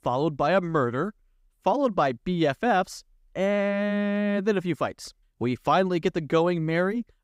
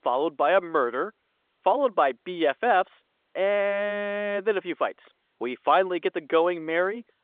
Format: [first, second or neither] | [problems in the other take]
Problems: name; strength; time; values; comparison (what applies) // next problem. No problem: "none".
first | phone-call audio